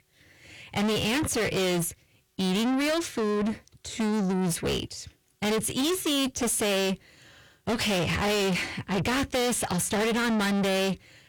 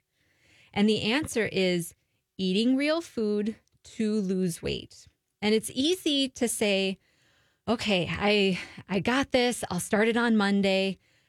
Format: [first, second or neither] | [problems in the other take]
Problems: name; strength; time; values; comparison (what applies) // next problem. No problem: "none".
second | distortion; heavy; 6 dB below the speech